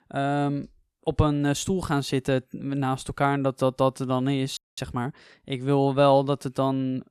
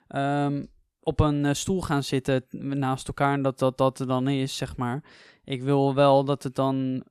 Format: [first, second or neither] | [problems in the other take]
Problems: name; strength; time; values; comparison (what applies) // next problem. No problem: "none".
second | audio freezing; at 4.5 s